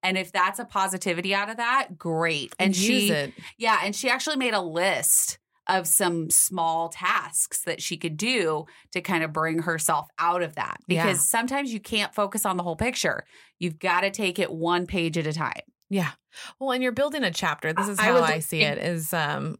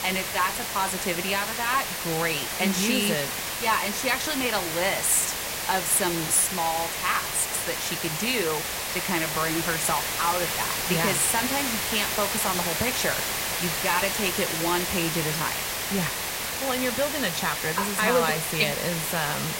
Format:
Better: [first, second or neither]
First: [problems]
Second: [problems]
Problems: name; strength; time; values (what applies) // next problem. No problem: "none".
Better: first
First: none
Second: hiss; loud; throughout; 1 dB below the speech